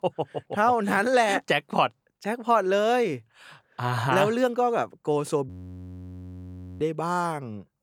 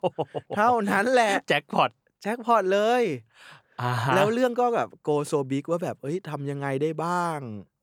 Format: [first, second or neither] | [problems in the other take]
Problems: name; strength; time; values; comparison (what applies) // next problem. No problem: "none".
second | audio freezing; at 5.5 s for 1.5 s